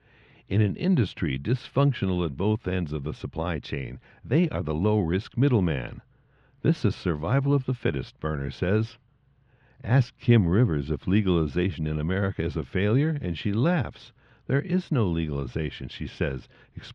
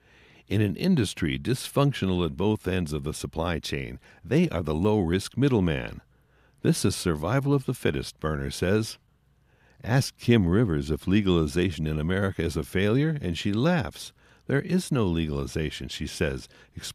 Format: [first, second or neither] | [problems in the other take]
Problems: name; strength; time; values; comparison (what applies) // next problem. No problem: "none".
second | muffled; slightly; fading above 3.5 kHz